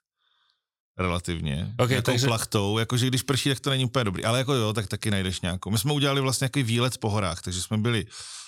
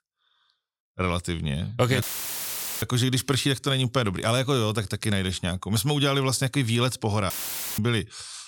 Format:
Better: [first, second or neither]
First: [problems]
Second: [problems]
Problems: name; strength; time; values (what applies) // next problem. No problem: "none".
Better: first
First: none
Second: audio cutting out; filled with static; at 2 s for 1 s and at 7.5 s